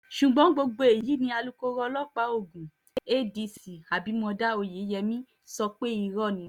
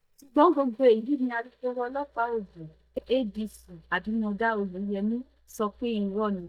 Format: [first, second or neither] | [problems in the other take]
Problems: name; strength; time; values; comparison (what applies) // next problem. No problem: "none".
first | noise reduction (neural mask model DeepFilterNet 3)